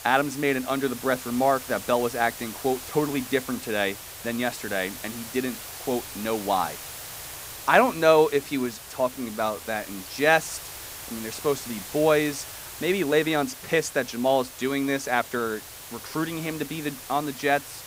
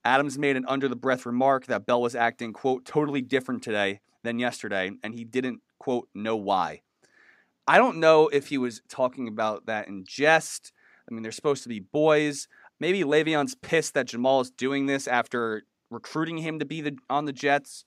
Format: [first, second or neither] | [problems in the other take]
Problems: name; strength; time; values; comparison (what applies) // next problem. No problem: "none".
second | hiss; noticeable; throughout; 10 dB below the speech